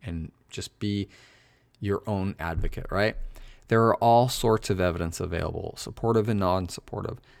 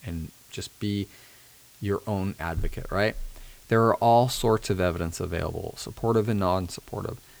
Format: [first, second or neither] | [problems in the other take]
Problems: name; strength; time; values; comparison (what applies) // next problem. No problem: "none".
first | hiss; faint; throughout; 25 dB below the speech